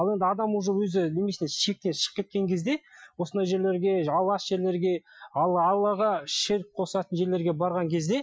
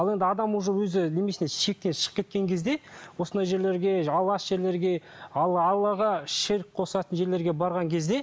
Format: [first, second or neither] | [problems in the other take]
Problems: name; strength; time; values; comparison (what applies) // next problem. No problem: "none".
second | noise reduction (classical method Wiener filter)